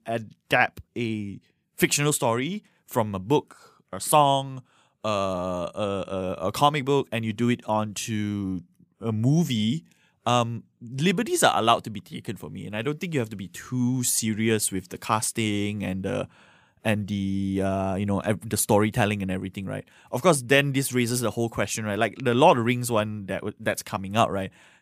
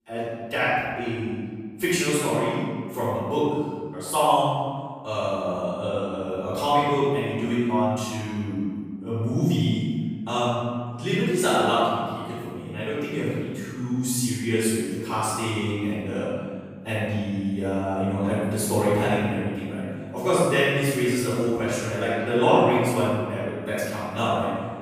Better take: first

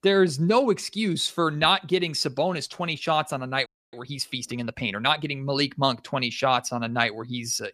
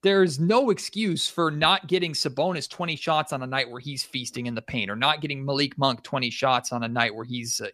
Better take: second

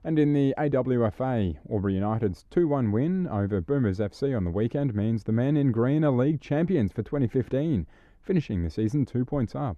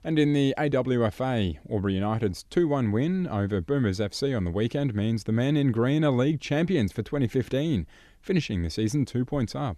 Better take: second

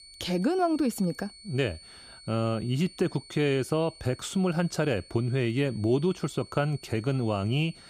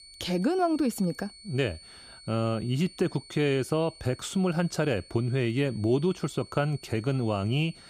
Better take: neither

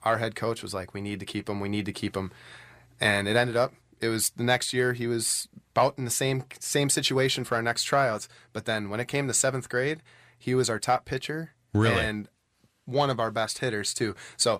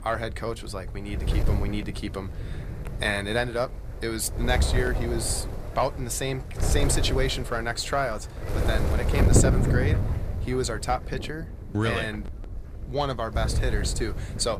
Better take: first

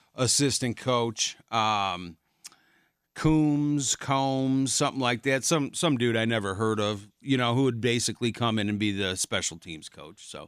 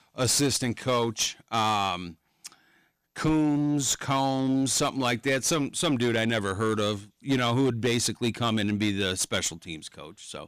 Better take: first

